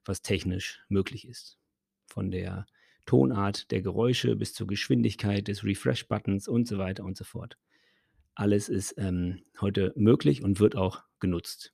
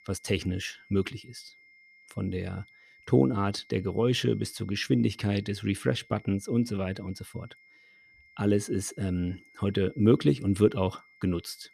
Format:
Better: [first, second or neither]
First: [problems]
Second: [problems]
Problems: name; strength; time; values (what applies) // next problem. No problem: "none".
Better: first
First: none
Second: high-pitched whine; faint; throughout; 2 kHz, 25 dB below the speech